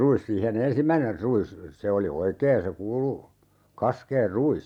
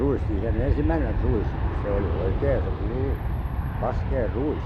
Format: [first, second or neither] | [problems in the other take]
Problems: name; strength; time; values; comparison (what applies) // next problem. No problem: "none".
first | background sound (Aircraft); 3 dB above the speech